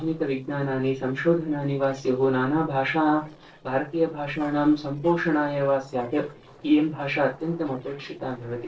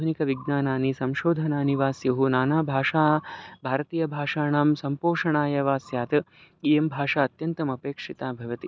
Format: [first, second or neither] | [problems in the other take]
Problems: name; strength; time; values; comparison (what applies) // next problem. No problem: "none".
second | noise reduction (neural separator model SepFormer DNS4)